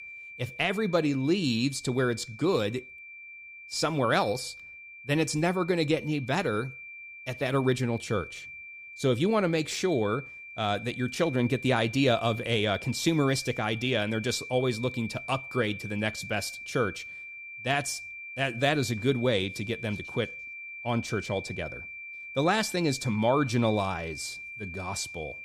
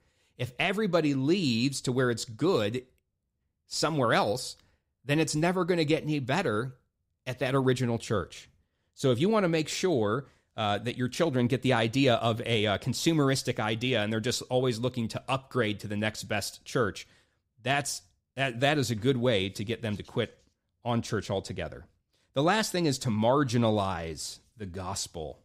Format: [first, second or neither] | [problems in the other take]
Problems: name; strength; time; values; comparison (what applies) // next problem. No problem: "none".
second | high-pitched whine; noticeable; throughout; 2.5 kHz, 10 dB below the speech